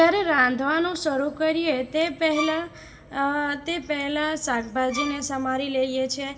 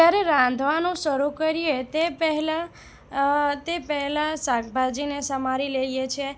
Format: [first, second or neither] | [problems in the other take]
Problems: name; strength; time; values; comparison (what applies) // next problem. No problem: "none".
second | background sound (Bowed string instrument); 10 dB below the speech // room echo; dies away in 2.4 s